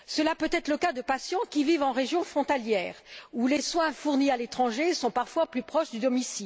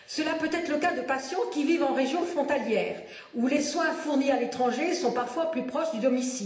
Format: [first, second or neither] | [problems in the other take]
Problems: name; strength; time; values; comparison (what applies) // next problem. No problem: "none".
first | room echo; dies away in 0.8 s